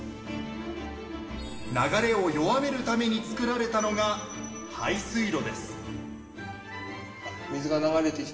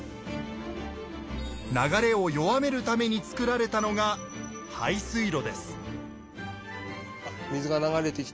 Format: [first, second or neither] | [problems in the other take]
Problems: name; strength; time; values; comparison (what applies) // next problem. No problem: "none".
second | room echo; dies away in 2.1 s